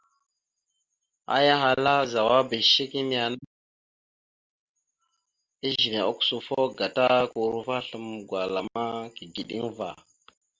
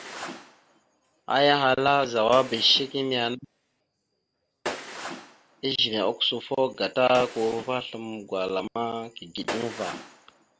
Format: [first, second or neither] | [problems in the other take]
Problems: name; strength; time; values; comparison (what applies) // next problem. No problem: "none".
first | background sound (Gunshot, gunfire); 15 dB below the speech